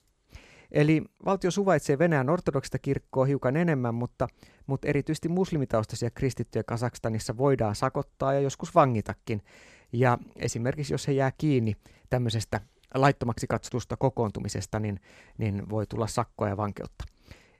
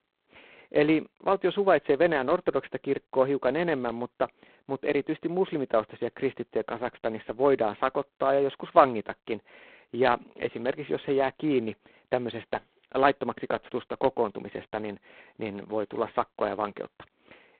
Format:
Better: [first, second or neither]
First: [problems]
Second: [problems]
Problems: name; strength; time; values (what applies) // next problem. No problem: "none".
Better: first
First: none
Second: phone-call audio; poor line; nothing above 4 kHz